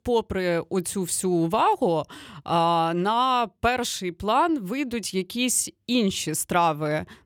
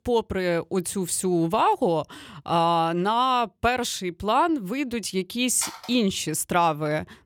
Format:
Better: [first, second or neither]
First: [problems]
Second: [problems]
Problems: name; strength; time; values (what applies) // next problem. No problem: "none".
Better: first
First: none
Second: phone ringing; faint; at 5.5 s; peak 10 dB below the speech